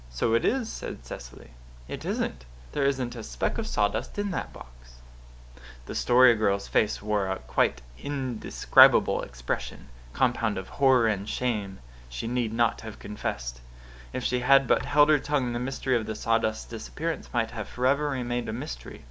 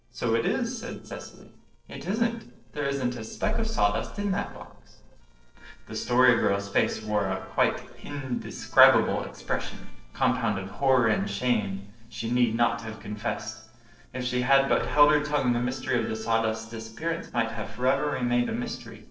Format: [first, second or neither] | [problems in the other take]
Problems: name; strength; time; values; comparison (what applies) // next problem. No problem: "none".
first | noise reduction (neural separator model SepFormer DNS4)